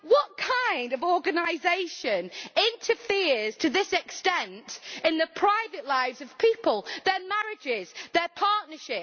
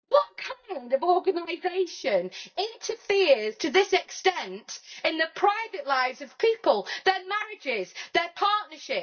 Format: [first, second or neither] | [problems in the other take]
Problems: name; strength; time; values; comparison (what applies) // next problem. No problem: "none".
first | noise reduction (neural mask model DeepFilterNet 3)